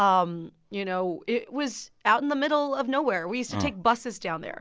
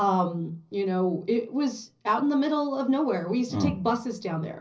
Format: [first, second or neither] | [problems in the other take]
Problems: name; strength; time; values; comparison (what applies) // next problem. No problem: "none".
first | room echo; dies away in 0.5 s